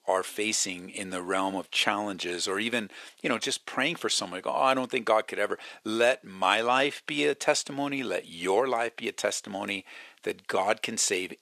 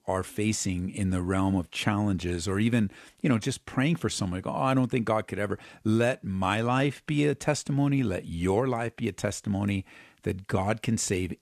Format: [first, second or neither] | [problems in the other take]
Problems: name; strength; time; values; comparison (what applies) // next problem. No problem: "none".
second | thin; somewhat; fading below 500 Hz